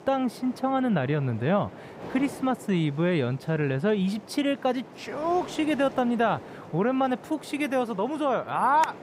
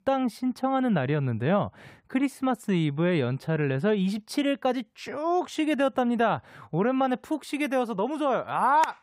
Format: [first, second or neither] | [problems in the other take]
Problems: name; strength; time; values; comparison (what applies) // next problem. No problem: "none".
second | wind noise on the microphone; occasional gusts; 15 dB below the speech